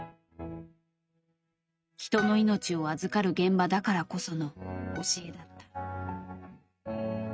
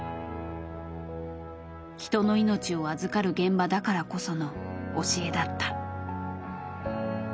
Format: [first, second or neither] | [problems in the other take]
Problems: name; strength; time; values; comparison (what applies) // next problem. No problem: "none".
second | noise reduction (neural mask model RNNoise)